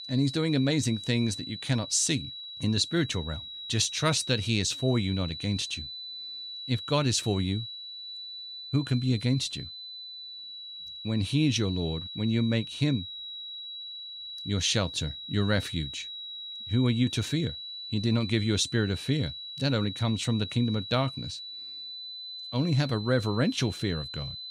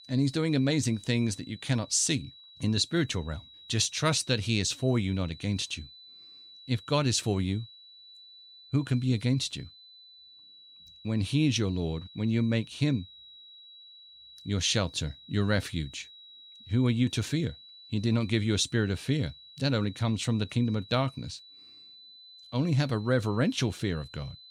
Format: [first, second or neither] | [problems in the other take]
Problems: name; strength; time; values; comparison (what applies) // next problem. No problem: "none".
second | high-pitched whine; loud; throughout; 4 kHz, 9 dB below the speech; faint in the second